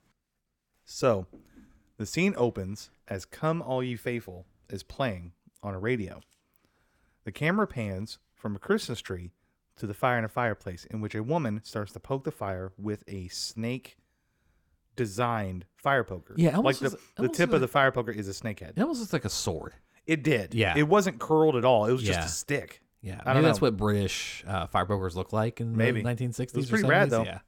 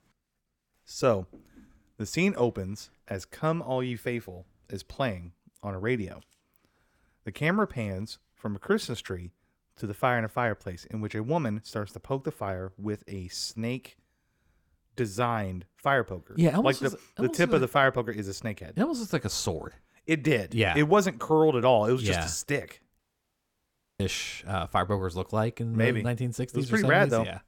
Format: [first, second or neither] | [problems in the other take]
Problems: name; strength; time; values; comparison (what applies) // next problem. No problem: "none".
first | audio cutting out; at 23 s for 1 s